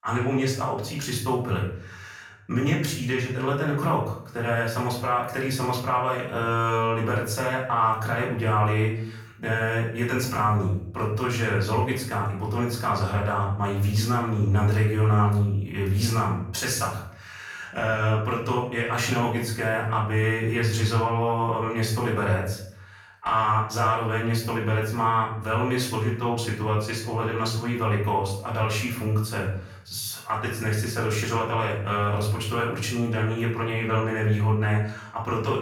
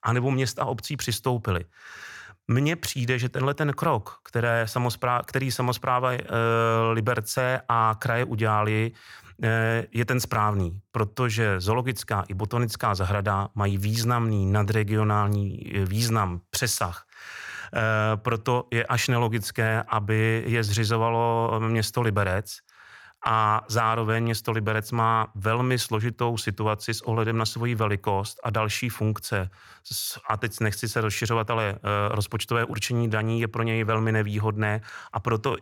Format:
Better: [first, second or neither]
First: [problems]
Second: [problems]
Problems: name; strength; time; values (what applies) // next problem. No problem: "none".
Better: second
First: off-mic speech; far // room echo; noticeable; dies away in 0.6 s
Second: none